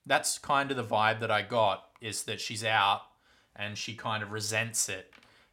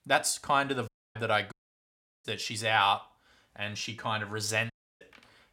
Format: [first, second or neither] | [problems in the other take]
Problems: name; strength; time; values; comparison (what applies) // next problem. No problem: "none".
first | audio cutting out; at 1 s, at 1.5 s for 0.5 s and at 4.5 s